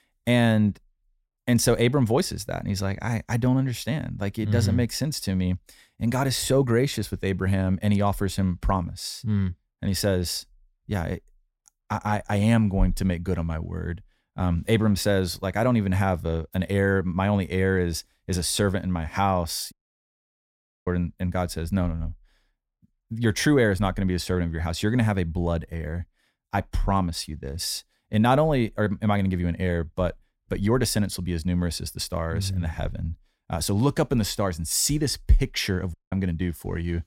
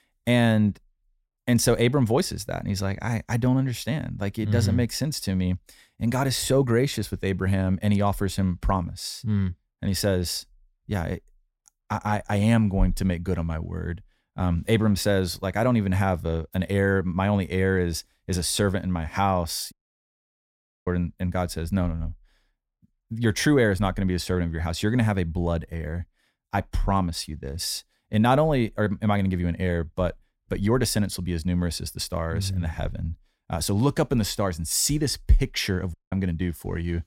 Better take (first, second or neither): neither